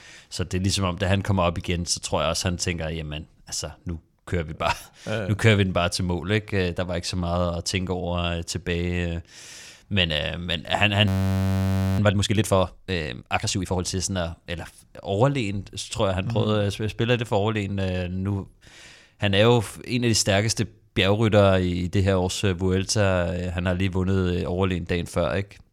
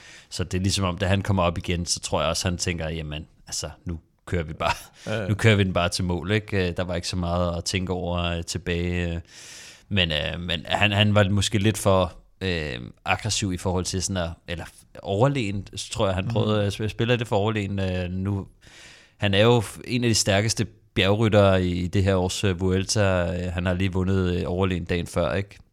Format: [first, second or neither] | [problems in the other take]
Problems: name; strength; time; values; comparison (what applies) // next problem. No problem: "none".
second | audio freezing; at 11 s for 1 s